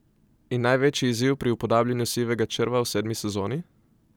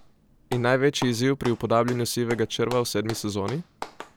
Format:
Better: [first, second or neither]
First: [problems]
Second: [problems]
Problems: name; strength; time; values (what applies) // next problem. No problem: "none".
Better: first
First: none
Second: background sound (Clapping); 15 dB below the speech